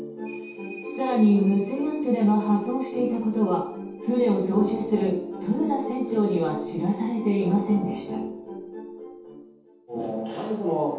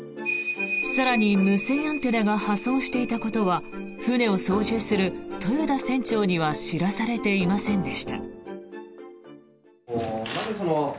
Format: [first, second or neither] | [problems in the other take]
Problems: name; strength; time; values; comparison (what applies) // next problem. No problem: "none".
second | room echo; dies away in 0.7 s